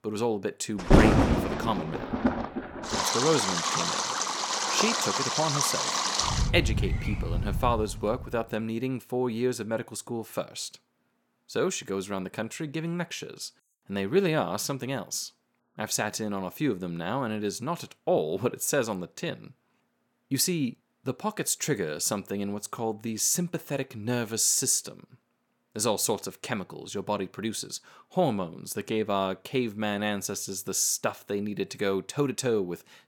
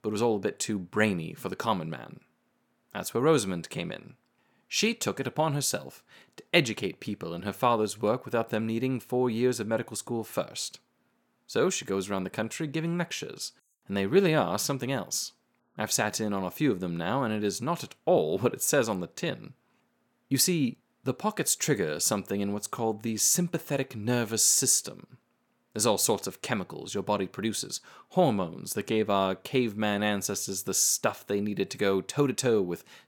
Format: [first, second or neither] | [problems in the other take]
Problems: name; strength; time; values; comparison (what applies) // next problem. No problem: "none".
second | rain or running water; very loud; until 8 s; 3 dB above the speech